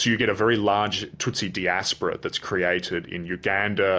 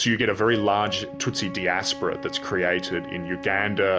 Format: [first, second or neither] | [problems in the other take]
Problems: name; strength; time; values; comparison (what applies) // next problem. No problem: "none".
first | background sound (Wind instrument, woodwind instrument); 12 dB below the speech